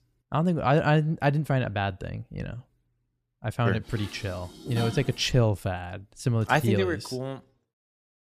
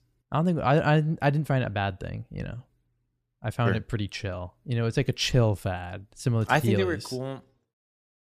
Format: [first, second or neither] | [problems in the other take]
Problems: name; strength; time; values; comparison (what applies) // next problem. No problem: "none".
second | clattering dishes; noticeable; from 4 to 5 s; peak 7 dB below the speech